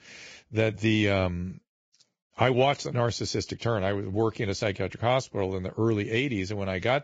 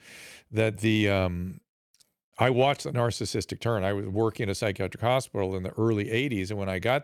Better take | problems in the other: second | garbled, watery; badly; nothing above 7.5 kHz

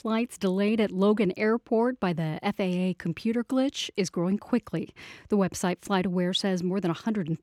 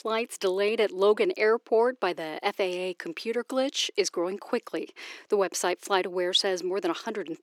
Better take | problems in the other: first | thin; very; fading below 350 Hz

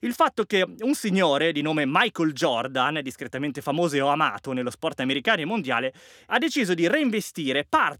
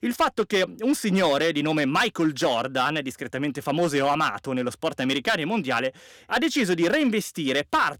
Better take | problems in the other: first | distortion; slight; 5% of the sound clipped

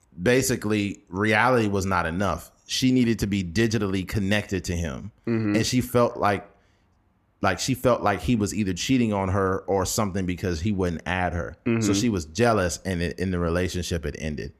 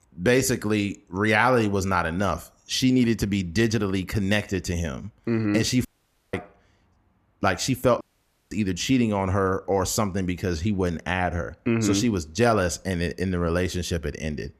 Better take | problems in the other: first | audio cutting out; at 6 s and at 8 s for 0.5 s

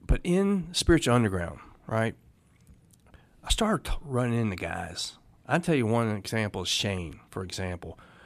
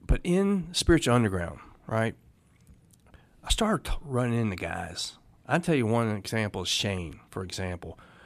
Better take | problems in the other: neither | none

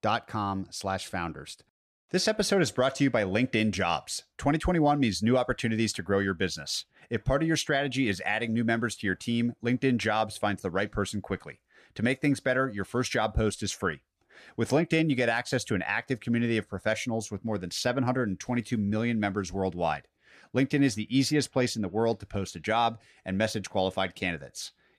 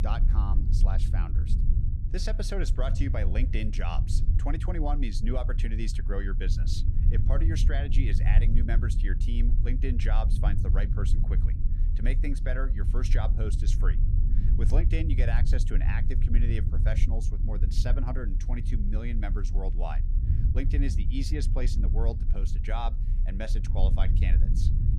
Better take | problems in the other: first | low rumble; loud; throughout; 7 dB below the speech

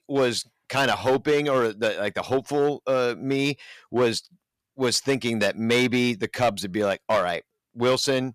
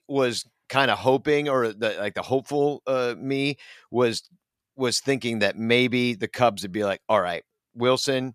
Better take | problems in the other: second | distortion; slight; 5% of the sound clipped

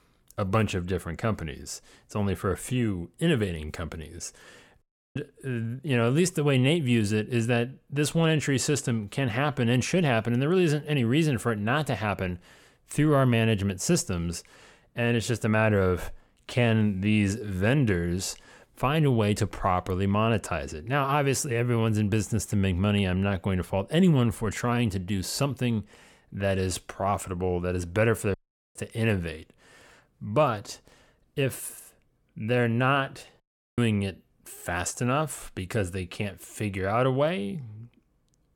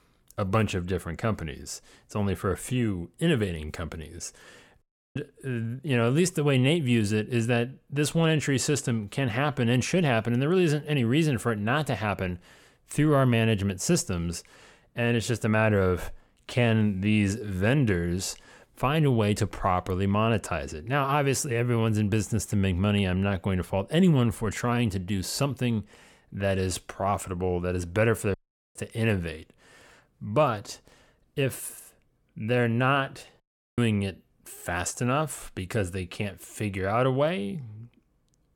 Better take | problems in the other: neither | audio cutting out; at 5 s, at 28 s and at 33 s; the same in both

